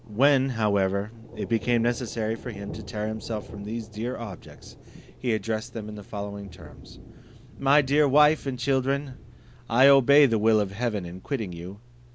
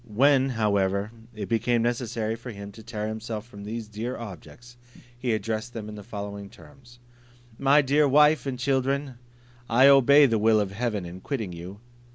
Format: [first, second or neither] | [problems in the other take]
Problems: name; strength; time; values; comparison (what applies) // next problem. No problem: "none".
second | background sound (Thunder); 19 dB below the speech